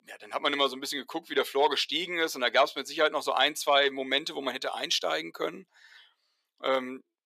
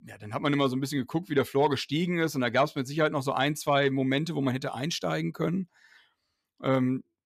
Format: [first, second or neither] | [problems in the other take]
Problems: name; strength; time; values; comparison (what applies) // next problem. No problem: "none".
second | thin; somewhat; fading below 450 Hz